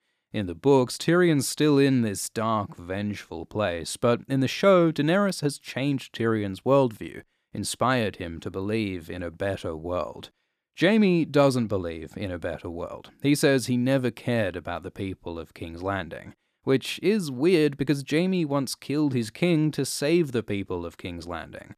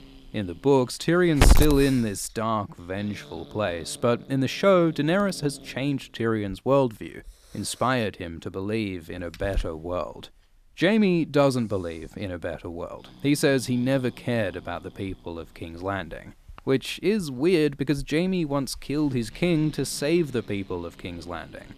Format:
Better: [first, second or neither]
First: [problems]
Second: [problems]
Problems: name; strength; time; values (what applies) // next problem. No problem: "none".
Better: first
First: none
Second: hiss; loud; throughout; 5 dB below the speech